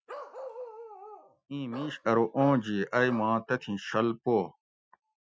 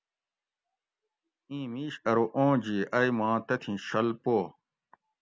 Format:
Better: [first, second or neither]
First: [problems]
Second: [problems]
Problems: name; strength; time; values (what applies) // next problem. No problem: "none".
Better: second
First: noise reduction (classical method Wiener filter)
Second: none